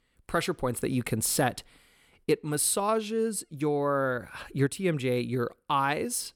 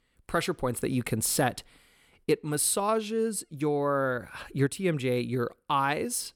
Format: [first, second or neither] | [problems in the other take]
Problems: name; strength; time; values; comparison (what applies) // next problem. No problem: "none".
neither | none